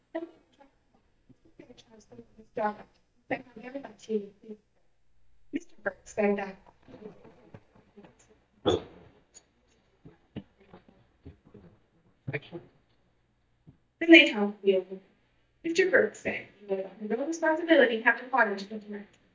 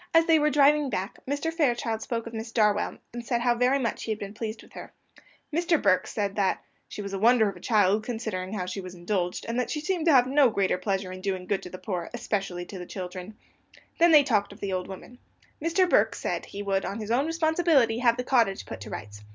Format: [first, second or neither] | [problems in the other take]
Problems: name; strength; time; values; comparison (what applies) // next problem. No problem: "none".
second | noise reduction (neural mask model DeepFilterNet 3)